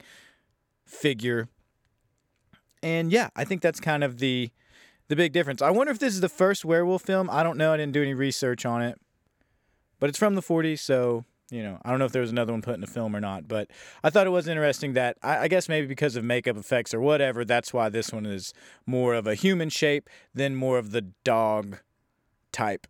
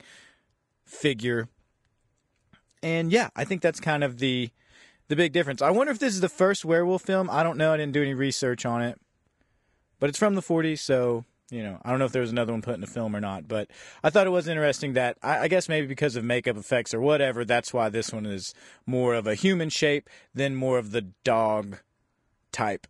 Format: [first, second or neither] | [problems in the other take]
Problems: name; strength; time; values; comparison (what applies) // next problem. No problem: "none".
first | garbled, watery; slightly; nothing above 11 kHz